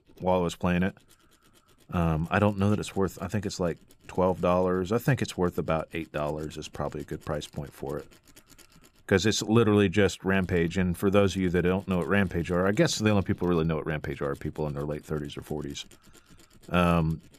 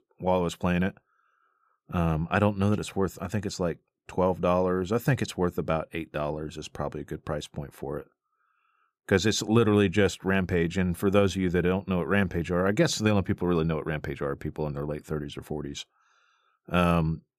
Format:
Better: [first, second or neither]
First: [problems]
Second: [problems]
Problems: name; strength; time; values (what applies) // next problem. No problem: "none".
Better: second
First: machinery noise; faint; throughout; 30 dB below the speech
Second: none